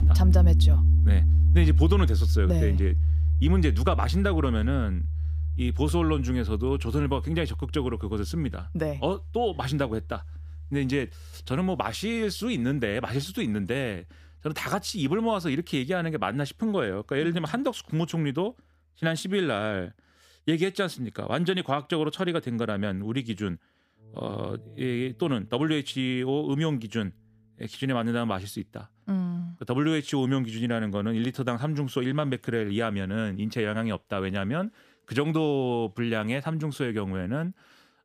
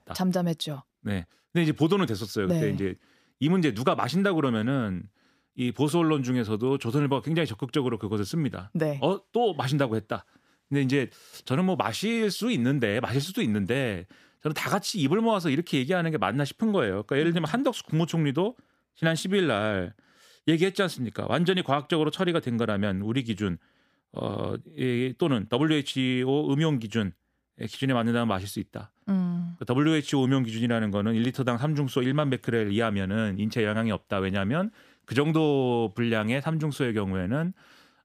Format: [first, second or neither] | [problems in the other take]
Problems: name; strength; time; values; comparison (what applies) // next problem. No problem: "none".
second | background music; very loud; throughout; 3 dB above the speech